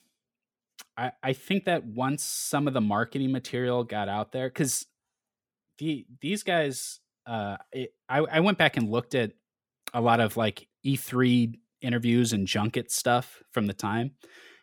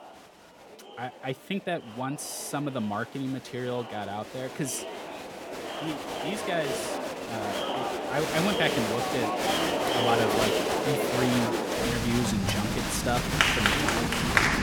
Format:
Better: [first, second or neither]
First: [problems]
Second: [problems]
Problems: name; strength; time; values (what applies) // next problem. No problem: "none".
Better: first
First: none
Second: crowd noise; very loud; throughout; 4 dB above the speech